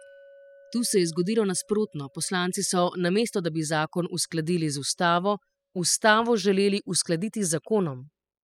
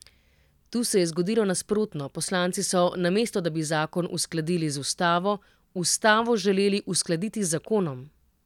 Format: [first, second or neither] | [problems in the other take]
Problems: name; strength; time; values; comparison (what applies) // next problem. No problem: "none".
second | noise reduction (classical method spectral subtraction)